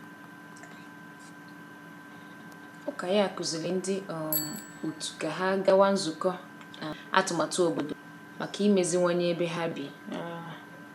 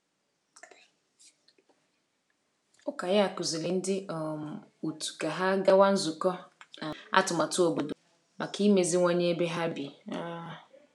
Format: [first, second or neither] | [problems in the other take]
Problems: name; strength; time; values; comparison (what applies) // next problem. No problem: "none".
second | background sound (Engine + Bicycle bell); 14 dB below the speech